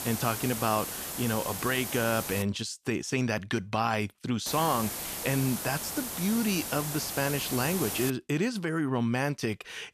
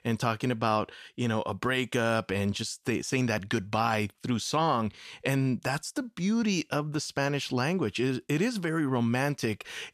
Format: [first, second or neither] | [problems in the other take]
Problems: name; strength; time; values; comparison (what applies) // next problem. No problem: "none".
second | hiss; loud; until 2.5 s and from 4.5 to 8 s; 4 dB below the speech